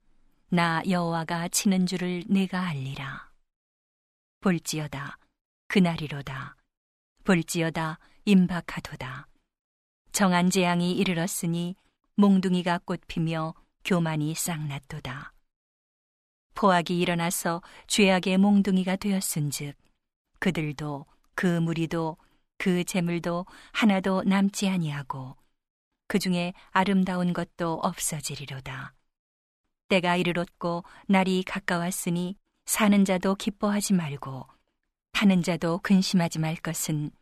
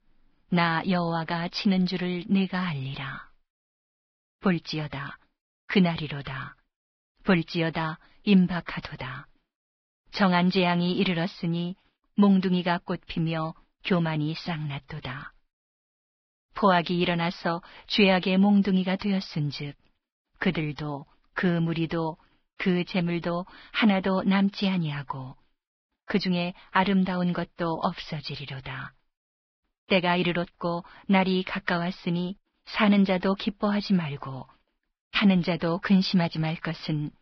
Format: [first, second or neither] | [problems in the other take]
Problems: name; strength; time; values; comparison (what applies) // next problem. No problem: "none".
first | garbled, watery; badly; nothing above 5.5 kHz